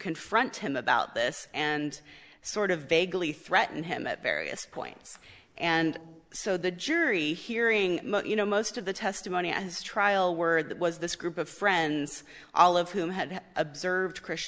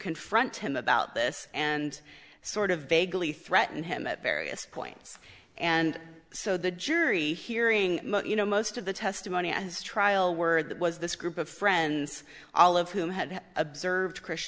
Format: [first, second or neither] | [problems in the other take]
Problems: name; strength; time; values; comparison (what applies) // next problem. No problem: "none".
second | noise reduction (neural mask model Resemble Enhance denoiser)